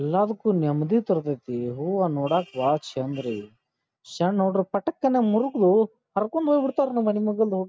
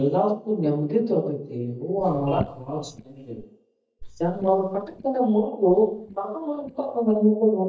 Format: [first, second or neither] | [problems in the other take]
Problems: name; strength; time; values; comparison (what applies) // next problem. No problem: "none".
first | noise reduction (neural mask model DeepFilterNet 3)